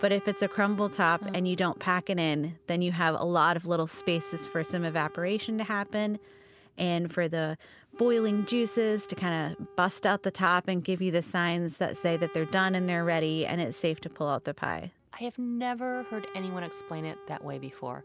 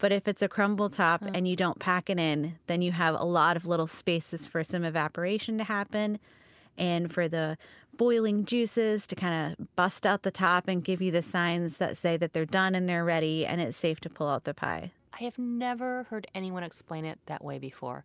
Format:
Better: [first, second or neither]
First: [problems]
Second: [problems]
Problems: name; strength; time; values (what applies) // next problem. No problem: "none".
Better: second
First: background sound (Wind instrument, woodwind instrument); 18 dB below the speech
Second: none